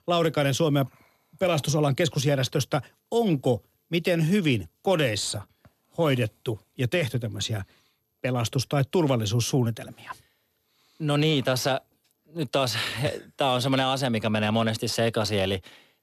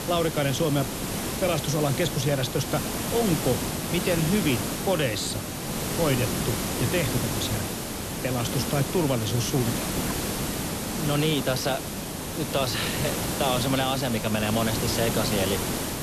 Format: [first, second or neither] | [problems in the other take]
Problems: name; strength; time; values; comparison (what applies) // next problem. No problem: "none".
first | hiss; loud; throughout; 2 dB below the speech